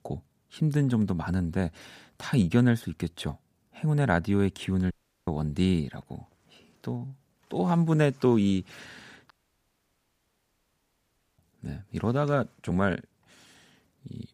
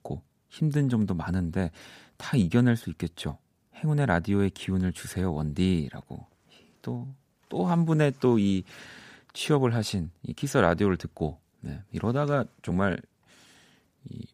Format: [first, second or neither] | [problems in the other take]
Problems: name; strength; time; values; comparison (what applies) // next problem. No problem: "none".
second | audio cutting out; at 5 s and at 9.5 s for 2 s